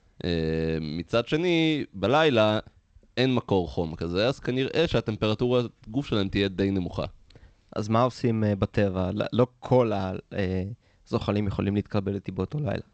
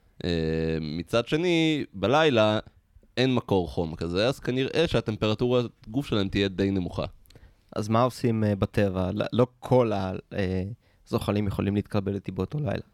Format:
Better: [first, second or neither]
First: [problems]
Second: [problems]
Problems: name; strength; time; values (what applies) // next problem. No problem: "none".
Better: second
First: garbled, watery; slightly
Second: none